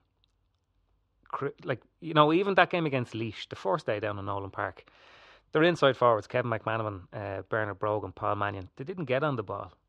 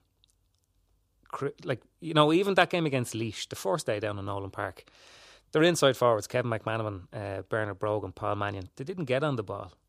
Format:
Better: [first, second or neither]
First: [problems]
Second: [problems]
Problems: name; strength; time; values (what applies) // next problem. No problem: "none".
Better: second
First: muffled; slightly; fading above 3 kHz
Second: none